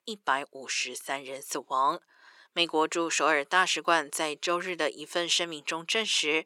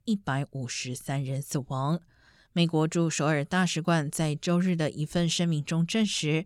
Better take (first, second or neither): second